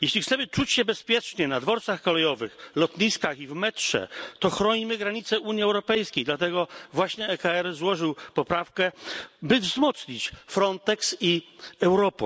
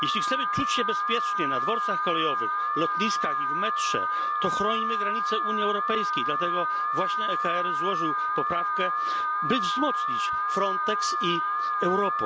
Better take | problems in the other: first | background sound (Alarm); 5 dB above the speech

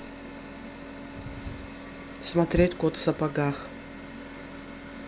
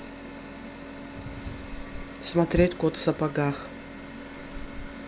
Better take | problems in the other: first | background sound (Fireworks); 12 dB below the speech

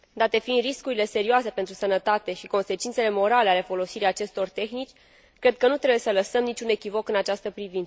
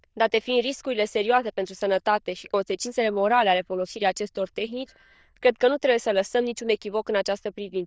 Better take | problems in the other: first | noise reduction (neural diffusion model UNIVERSE++)

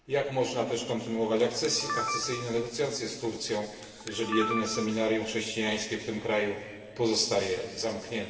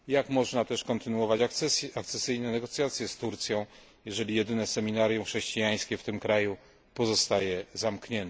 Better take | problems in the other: second | background sound (Camera); 8 dB below the speech // room echo; dies away in 2.7 s

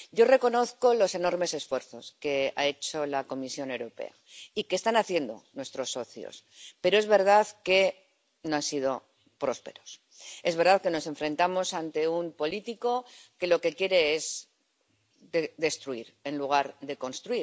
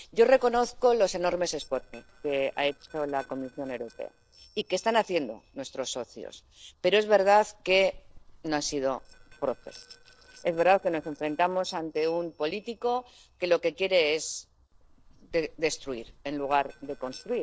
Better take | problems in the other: first | noise reduction (neural separator model SepFormer DNS4)

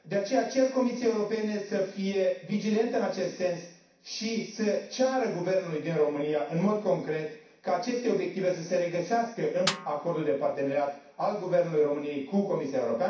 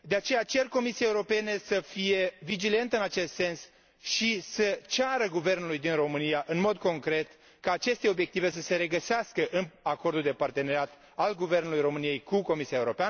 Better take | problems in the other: second | background sound (Snare drum); 10 dB below the speech // room echo; dies away in 0.6 s

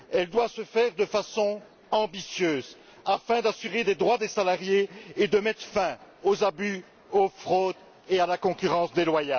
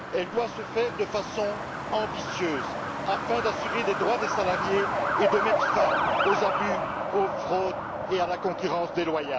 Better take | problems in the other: first | background sound (Truck); as loud as the speech

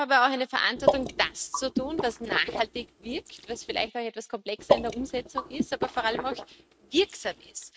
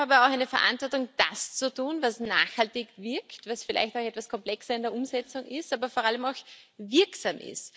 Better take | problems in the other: second | noise reduction (neural mask model RNNoise)

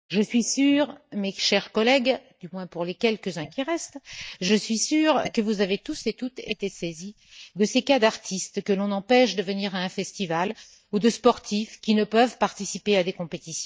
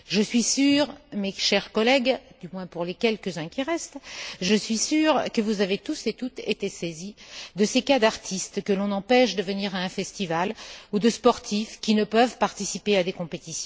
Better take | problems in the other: second | noise reduction (neural mask model DeepFilterNet 3)

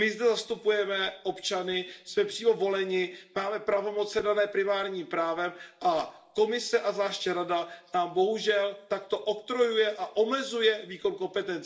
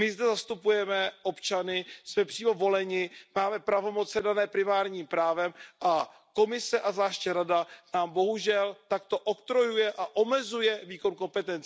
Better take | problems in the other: second | room echo; dies away in 0.5 s

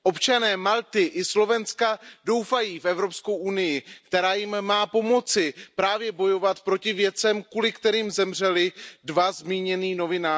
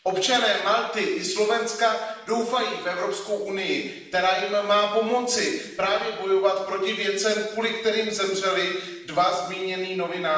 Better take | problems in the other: first | room echo; dies away in 1 s

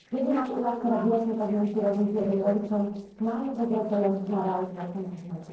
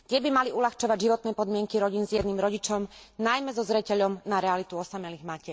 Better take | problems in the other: second | noise reduction (neural separator model SepFormer DNS4)

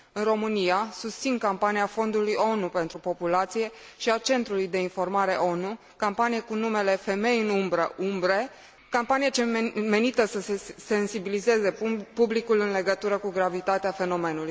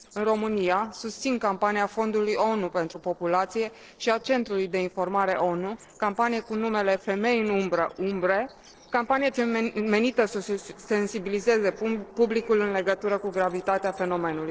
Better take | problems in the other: first | noise reduction (neural separator model SepFormer DNS4)

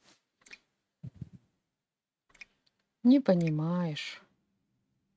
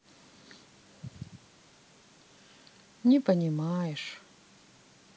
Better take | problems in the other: second | noise reduction (neural mask model RNNoise)

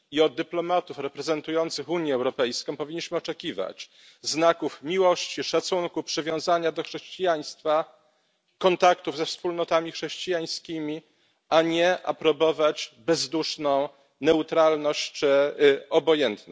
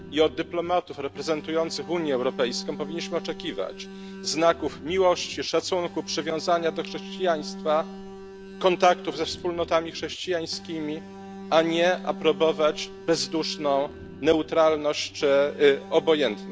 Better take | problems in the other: first | background sound (Alarm); 14 dB below the speech

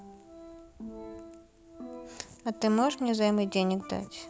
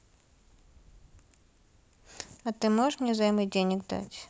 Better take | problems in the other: second | background sound (Percussion + Organ); 15 dB below the speech

